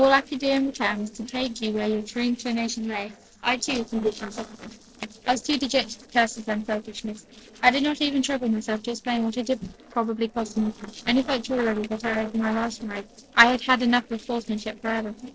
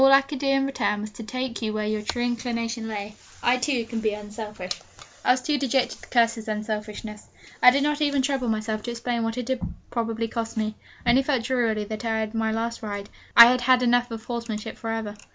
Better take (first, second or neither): second